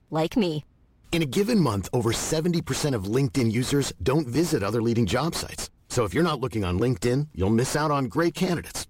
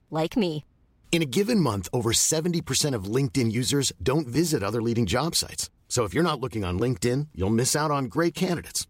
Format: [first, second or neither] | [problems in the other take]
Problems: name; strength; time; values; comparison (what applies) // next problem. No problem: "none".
second | distortion; slight; 8 dB below the speech